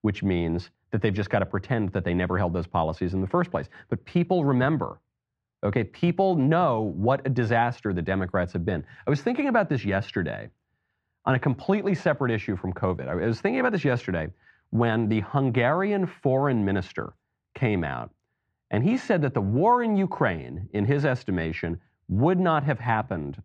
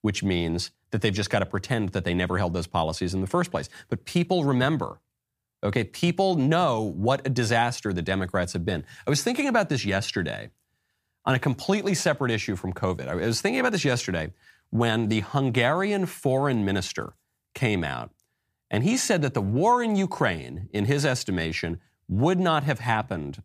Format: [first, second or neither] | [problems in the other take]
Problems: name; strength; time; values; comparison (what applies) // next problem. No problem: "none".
second | muffled; very; fading above 2 kHz